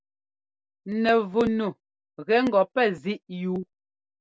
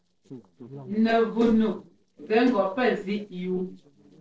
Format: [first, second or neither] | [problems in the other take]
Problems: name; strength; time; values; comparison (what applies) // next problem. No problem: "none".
first | noise reduction (neural separator model SepFormer DNS4)